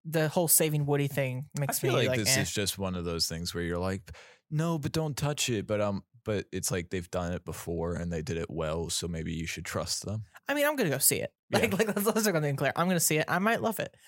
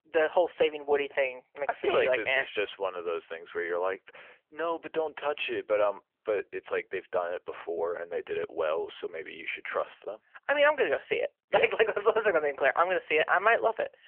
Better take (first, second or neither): first